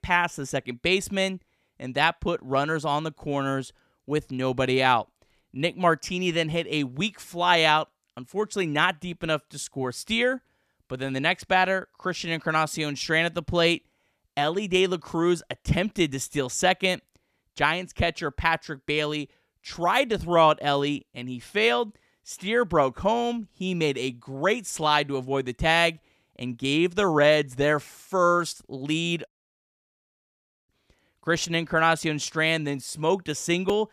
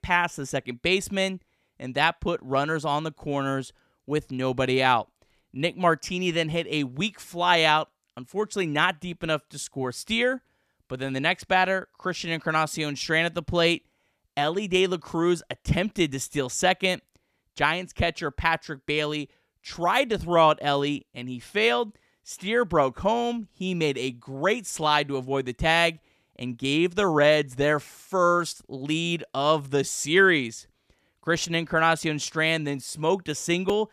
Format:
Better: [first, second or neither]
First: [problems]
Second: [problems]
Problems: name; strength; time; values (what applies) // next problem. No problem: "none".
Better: second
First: audio cutting out; at 29 s for 1.5 s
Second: none